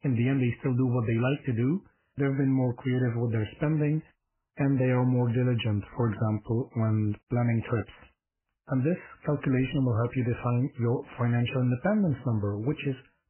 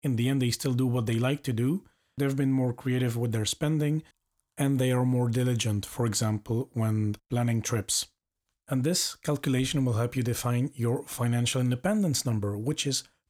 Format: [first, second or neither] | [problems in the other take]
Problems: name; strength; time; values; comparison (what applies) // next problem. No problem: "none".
second | garbled, watery; badly; nothing above 3 kHz